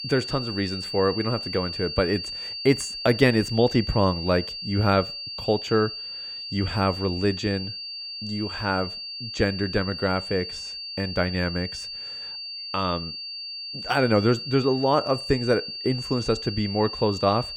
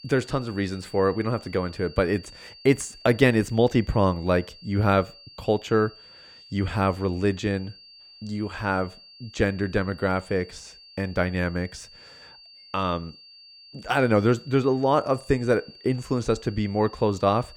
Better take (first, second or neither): second